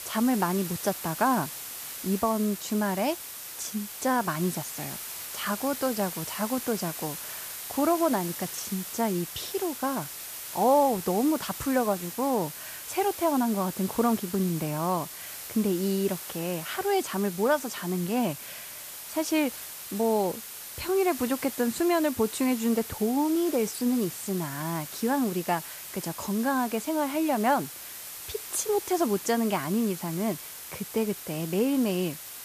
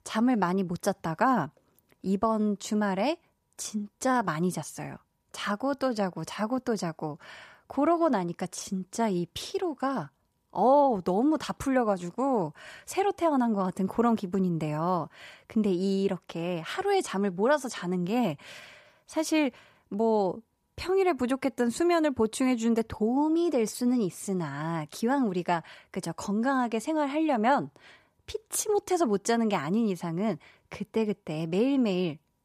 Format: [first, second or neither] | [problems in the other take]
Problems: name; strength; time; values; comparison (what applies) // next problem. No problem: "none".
second | hiss; loud; throughout; 9 dB below the speech